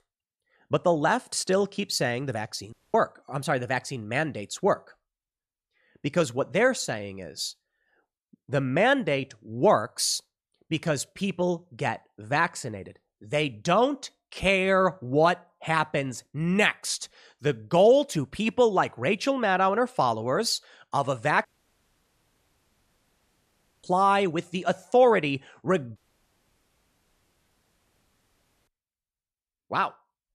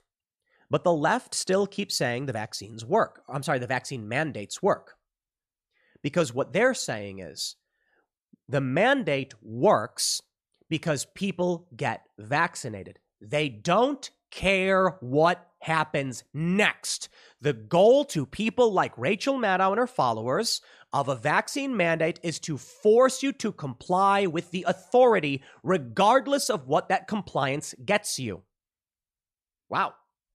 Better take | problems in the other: second | audio cutting out; at 2.5 s, at 21 s for 2.5 s and at 26 s for 2.5 s

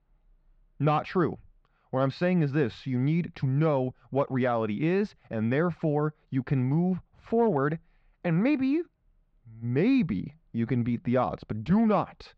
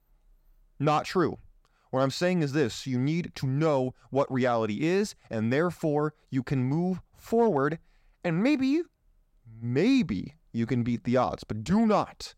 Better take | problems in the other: second | muffled; slightly; fading above 3 kHz

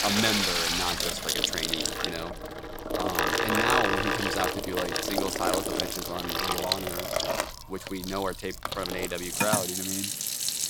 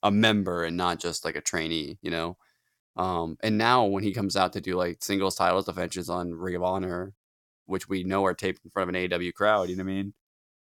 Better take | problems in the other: second | household noises; very loud; throughout; 5 dB above the speech

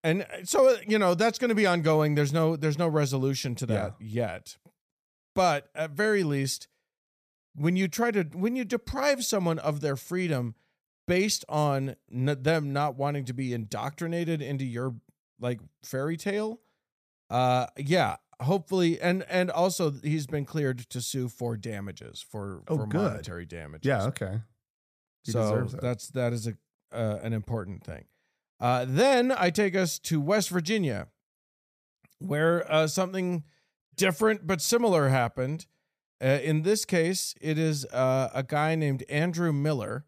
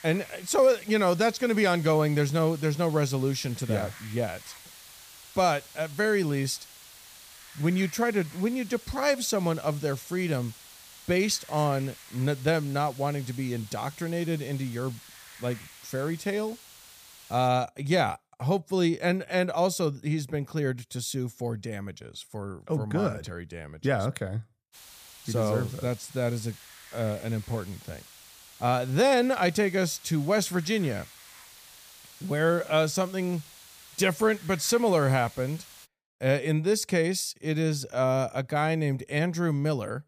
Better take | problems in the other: first | hiss; noticeable; until 17 s and from 25 to 36 s; 20 dB below the speech

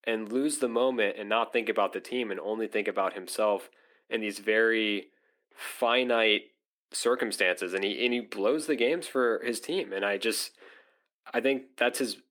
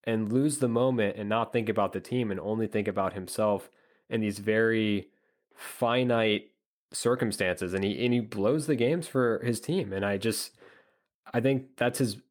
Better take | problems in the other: second | thin; somewhat; fading below 300 Hz

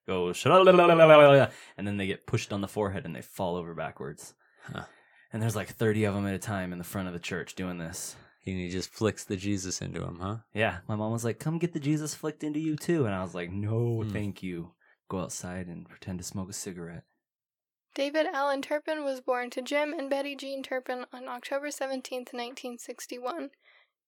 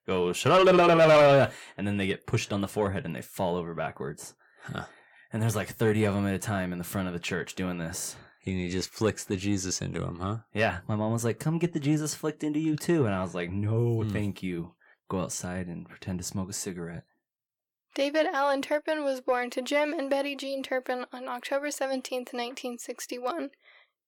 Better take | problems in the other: first | distortion; slight; 10 dB below the speech

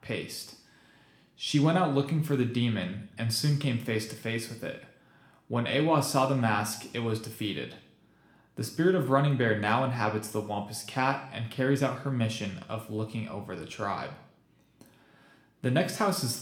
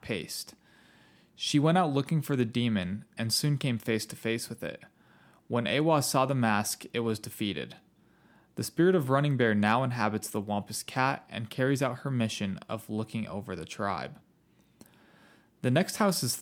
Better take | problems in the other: second | room echo; slight; dies away in 0.6 s

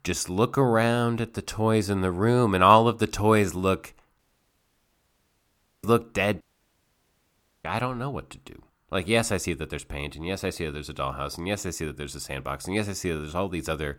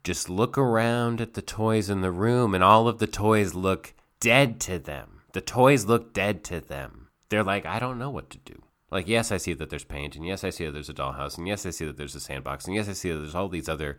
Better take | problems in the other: second | audio cutting out; at 4 s for 1.5 s and at 6.5 s for 1 s

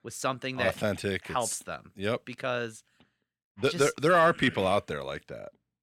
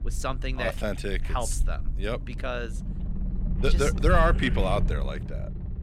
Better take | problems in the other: first | low rumble; noticeable; throughout; 15 dB below the speech

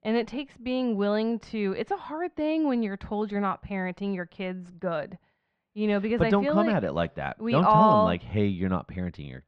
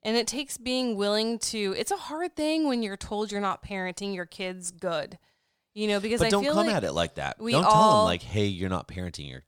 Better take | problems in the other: second | muffled; very; fading above 2.5 kHz

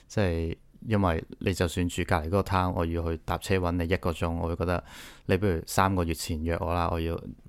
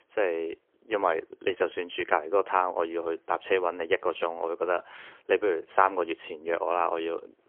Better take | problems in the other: first | phone-call audio; poor line; nothing above 3 kHz

